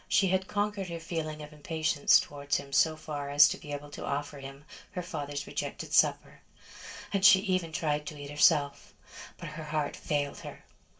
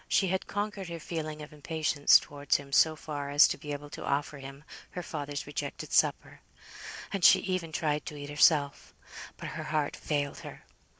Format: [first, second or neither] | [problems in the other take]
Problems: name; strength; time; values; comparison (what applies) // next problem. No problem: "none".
second | room echo; dies away in 0.2 s